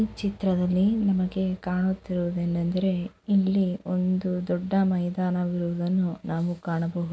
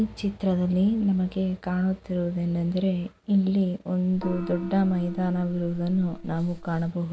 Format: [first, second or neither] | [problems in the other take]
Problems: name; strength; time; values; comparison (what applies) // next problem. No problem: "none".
first | background sound (Gong); 12 dB below the speech